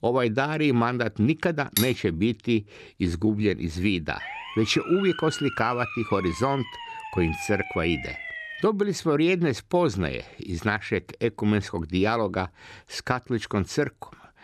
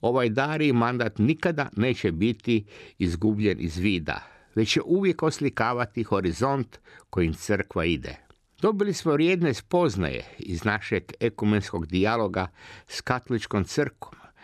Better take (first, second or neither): second